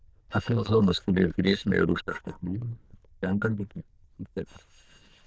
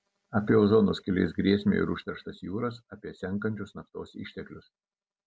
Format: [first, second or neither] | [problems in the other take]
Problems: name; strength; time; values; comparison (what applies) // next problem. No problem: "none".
second | noise reduction (neural diffusion model UNIVERSE++)